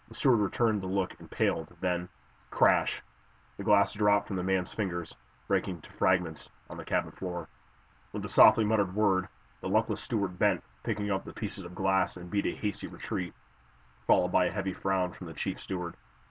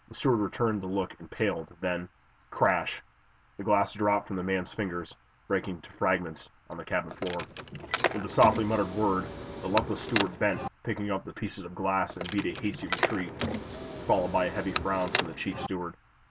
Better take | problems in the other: first | background sound (Car); 4 dB below the speech

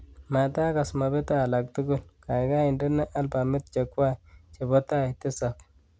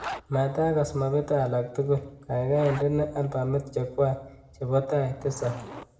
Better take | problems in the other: first | background sound (Zipper (clothing)); 18 dB below the speech // room echo; dies away in 0.7 s

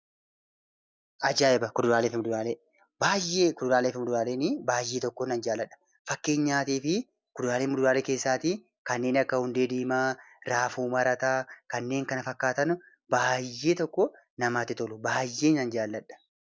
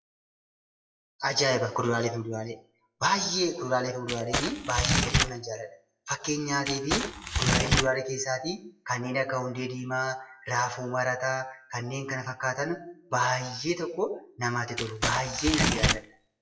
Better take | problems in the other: first | noise reduction (classical method WPE with log-MMSE)

